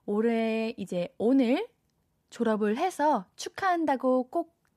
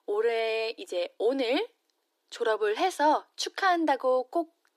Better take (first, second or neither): first